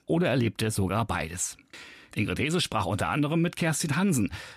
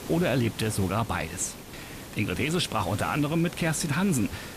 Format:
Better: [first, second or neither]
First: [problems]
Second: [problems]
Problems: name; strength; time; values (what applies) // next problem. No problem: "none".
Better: first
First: none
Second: hiss; noticeable; throughout; 15 dB below the speech